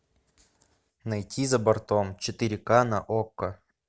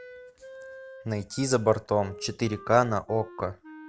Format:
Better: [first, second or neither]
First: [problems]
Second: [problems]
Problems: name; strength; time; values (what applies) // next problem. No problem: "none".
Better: first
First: none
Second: background sound (Wind instrument, woodwind instrument); 18 dB below the speech